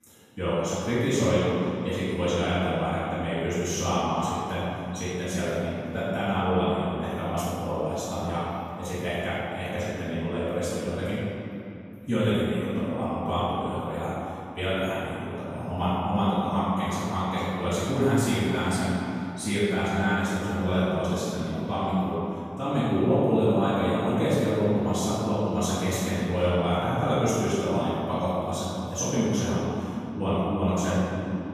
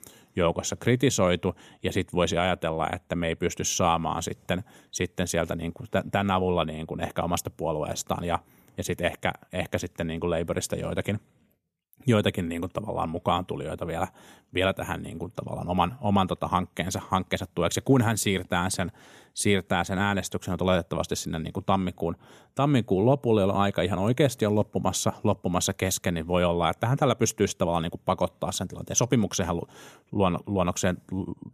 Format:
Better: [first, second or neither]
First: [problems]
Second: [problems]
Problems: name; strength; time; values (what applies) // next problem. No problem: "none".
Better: second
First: off-mic speech; far // room echo; strong; dies away in 2.8 s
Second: none